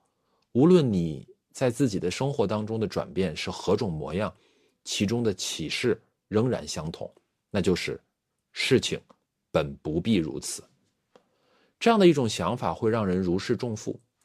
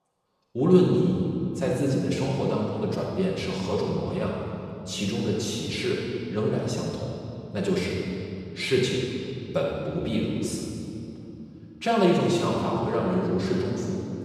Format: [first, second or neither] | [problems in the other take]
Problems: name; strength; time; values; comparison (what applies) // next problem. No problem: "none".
first | off-mic speech; far // room echo; strong; dies away in 2.7 s